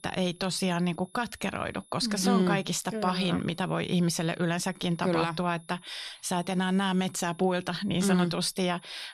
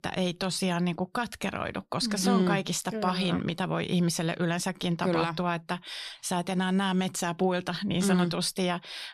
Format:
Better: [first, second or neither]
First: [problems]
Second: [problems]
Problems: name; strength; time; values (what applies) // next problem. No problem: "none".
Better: second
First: high-pitched whine; faint; throughout; 10.5 kHz, 25 dB below the speech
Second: none